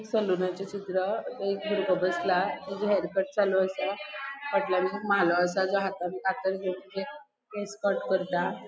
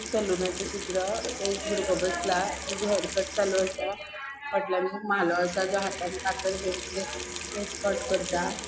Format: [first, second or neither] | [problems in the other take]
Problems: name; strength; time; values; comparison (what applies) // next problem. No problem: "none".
first | background sound (Sink (filling or washing) / Water tap, faucet); 8 dB below the speech